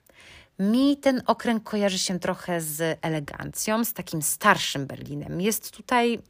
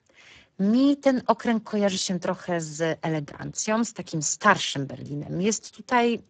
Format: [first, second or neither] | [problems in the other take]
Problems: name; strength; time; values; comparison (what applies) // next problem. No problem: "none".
first | garbled, watery; badly; nothing above 7.5 kHz